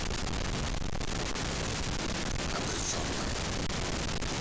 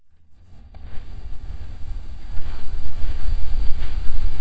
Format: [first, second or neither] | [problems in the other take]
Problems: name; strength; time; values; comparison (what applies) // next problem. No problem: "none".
first | noise reduction (neural mask model DeepFilterNet 3)